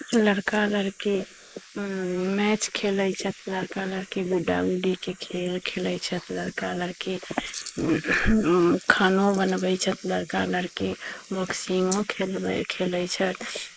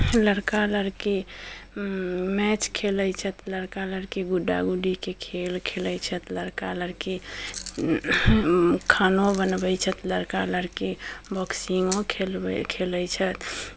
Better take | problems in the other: second | noise reduction (neural mask model Resemble Enhance denoiser)

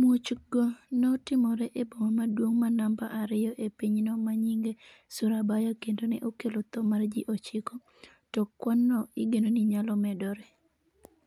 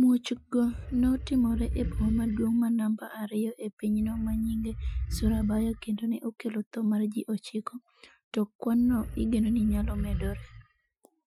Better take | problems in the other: first | noise reduction (classical method Wiener filter)

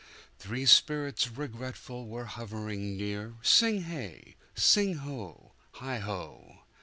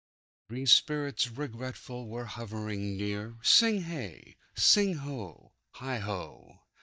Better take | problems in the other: first | noise reduction (neural mask model DeepFilterNet 3)

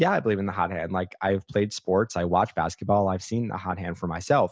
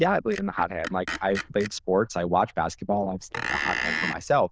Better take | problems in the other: first | noise reduction (neural diffusion model UNIVERSE++)

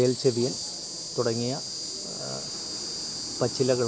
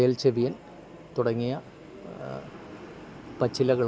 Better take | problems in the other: second | background sound (Insect); 6 dB below the speech

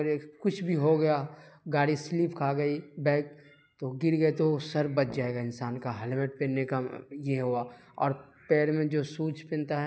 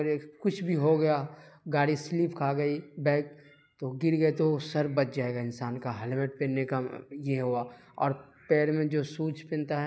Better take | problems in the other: second | background sound (Brass instrument); 18 dB below the speech

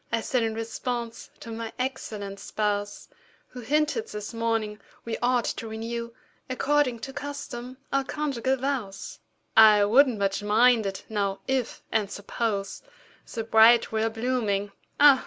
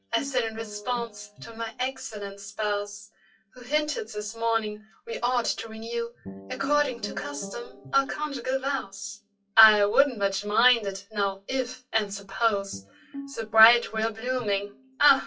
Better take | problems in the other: first | noise reduction (classical method WPE with log-MMSE)

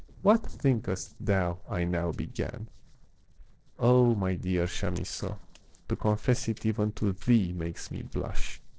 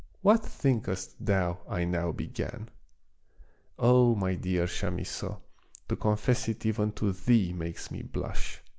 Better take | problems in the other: second | noise reduction (neural separator model SepFormer DNS4)

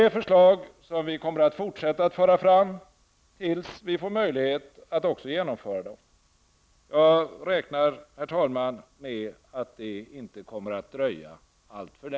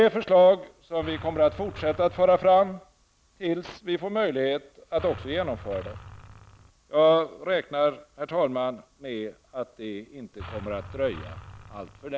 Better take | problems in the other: first | background sound (Engine); 16 dB below the speech

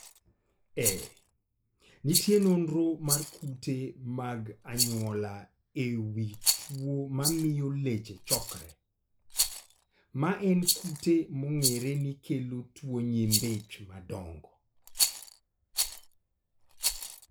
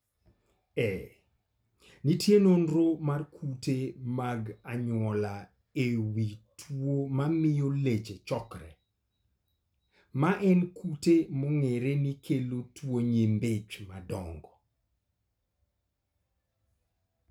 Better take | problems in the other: second | noise reduction (neural mask model Resemble Enhance denoiser)

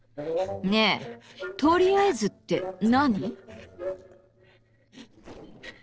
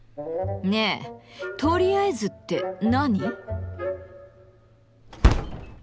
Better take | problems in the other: second | noise reduction (neural separator model SepFormer DNS4)

